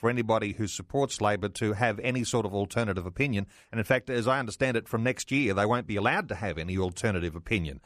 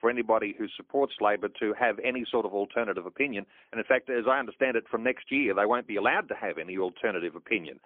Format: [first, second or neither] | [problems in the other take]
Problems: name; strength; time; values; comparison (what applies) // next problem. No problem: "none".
first | phone-call audio; poor line; nothing above 3.5 kHz